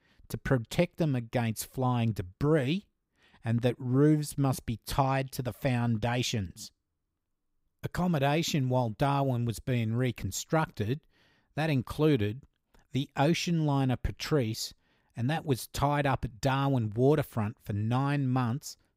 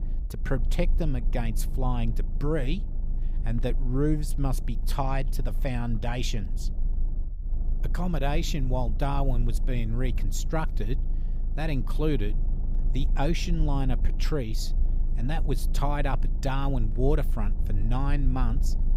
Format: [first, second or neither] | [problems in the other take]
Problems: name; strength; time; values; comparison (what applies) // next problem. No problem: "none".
first | low rumble; noticeable; throughout; 15 dB below the speech